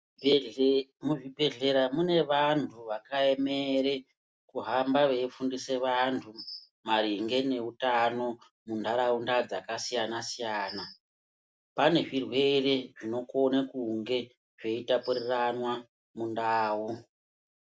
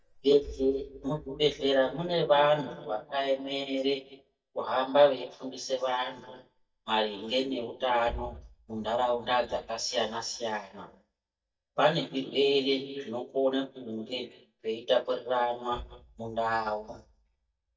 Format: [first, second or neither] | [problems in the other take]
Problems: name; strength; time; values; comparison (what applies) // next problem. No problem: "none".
first | noise reduction (neural mask model DeepFilterNet 3)